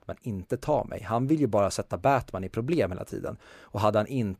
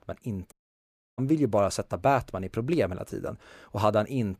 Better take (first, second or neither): first